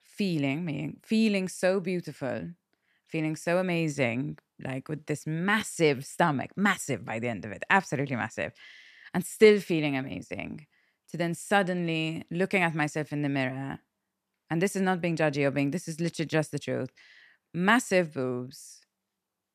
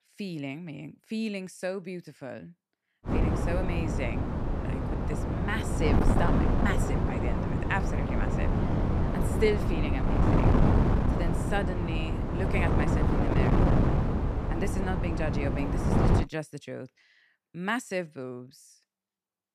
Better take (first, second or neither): first